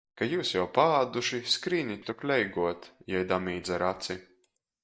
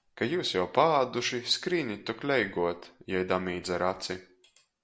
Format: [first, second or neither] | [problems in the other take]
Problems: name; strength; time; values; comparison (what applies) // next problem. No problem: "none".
second | noise reduction (neural mask model DeepFilterNet 3)